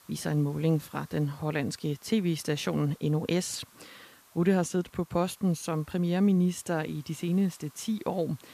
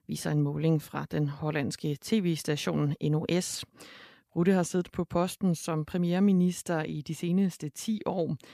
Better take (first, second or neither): second